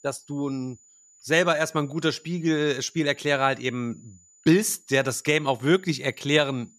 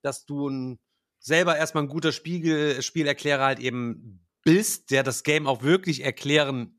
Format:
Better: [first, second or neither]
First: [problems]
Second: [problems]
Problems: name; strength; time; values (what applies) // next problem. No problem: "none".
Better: second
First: high-pitched whine; faint; throughout; 7 kHz, 30 dB below the speech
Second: none